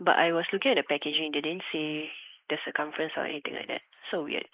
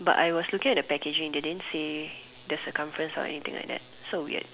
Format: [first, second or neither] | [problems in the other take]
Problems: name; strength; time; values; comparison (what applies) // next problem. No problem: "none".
second | noise reduction (neural mask model Resemble Enhance denoiser)